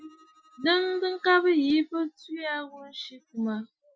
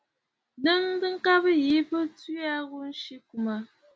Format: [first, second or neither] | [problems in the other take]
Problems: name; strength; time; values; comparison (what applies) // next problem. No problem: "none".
second | noise reduction (classical method Wiener filter)